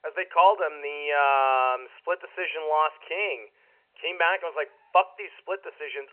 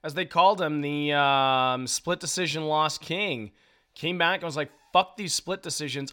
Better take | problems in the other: second | phone-call audio; nothing above 3 kHz

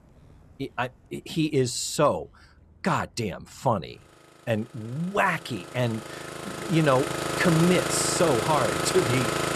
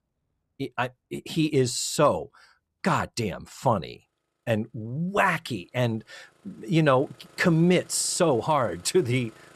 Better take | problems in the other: second | traffic noise; loud; throughout; 3 dB below the speech; faint in the second

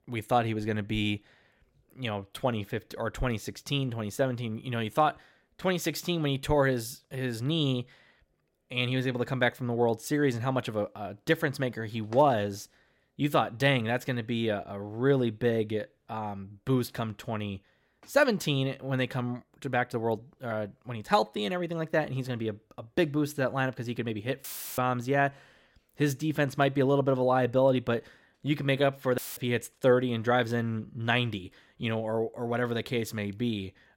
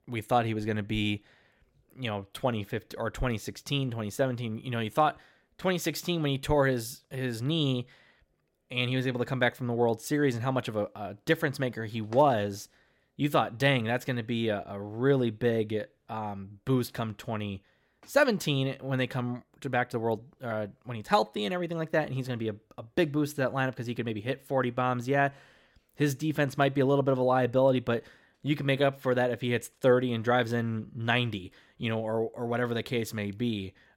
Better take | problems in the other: second | audio cutting out; filled with static; at 24 s and at 29 s

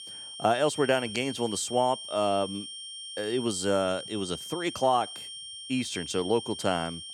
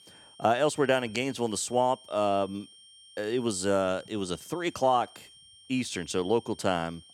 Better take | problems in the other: second | high-pitched whine; loud; throughout; 3 kHz, 9 dB below the speech; faint in the second

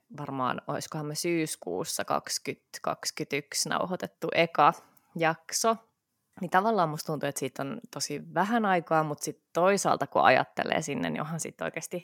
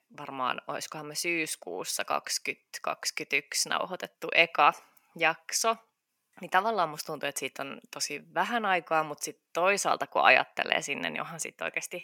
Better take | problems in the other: first | thin; somewhat; fading below 600 Hz

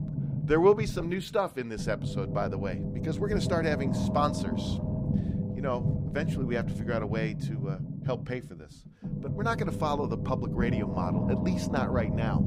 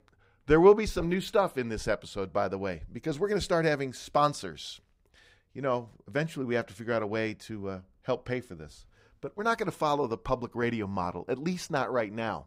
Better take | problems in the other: second | low rumble; loud; throughout; 8 dB below the speech

